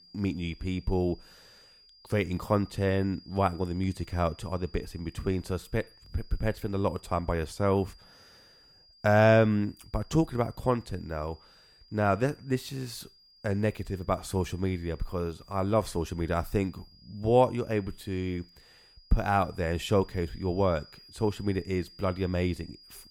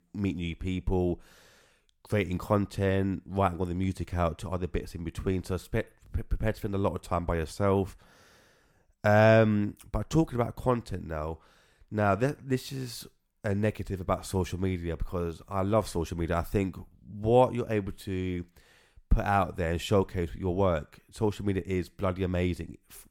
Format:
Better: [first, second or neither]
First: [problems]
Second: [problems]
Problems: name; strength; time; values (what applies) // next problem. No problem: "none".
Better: second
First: high-pitched whine; faint; throughout; 5 kHz, 25 dB below the speech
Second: none